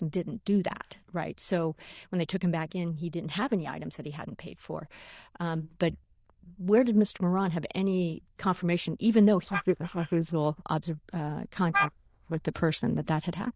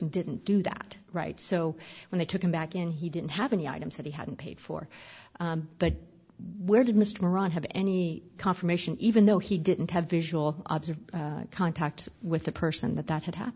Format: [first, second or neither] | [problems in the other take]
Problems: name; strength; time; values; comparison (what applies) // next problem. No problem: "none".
second | noise reduction (neural diffusion model UNIVERSE++)